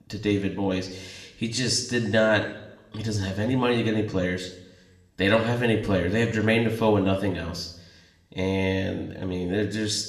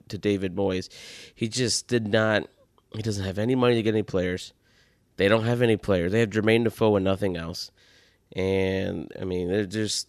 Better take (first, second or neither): second